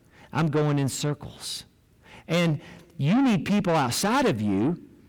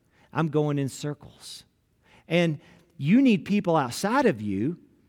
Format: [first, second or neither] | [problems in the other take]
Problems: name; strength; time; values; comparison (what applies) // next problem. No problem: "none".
second | distortion; heavy; 7 dB below the speech